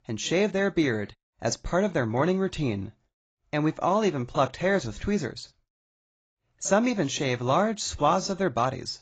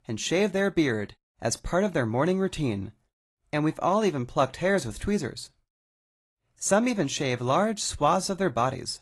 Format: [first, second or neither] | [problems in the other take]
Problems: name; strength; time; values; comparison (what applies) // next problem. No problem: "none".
second | garbled, watery; badly; nothing above 7.5 kHz; slightly in the second